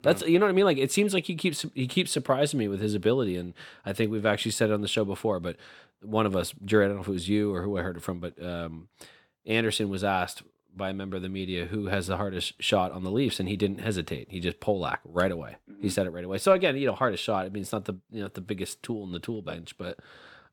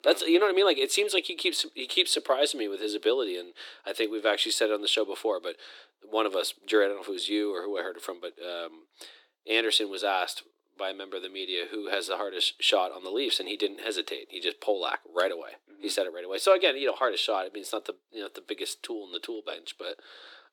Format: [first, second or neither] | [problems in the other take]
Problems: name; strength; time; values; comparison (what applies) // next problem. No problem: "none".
first | thin; very; fading below 300 Hz